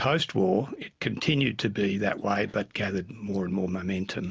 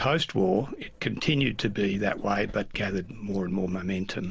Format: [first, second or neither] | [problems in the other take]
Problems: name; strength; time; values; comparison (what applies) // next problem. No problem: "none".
first | background sound (Writing); 16 dB below the speech